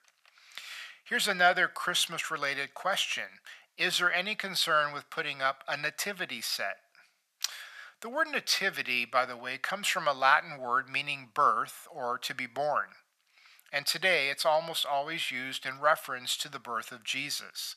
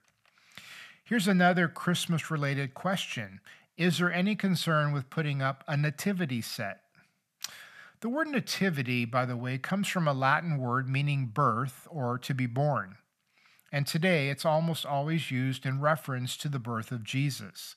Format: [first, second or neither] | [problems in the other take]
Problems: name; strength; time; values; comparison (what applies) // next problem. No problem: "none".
second | thin; very; fading below 650 Hz